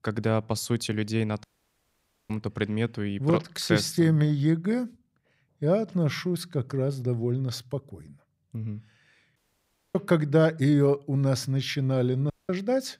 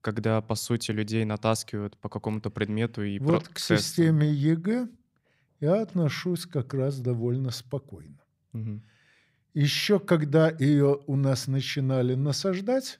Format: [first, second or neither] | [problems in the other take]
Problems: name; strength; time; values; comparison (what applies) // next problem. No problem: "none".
second | audio cutting out; at 1.5 s for 1 s, at 9.5 s for 0.5 s and at 12 s